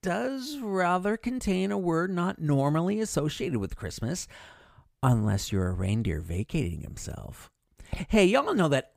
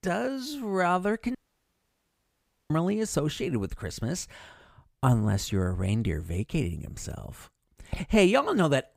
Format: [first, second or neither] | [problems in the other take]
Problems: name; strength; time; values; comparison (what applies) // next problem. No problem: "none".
first | audio cutting out; at 1.5 s for 1.5 s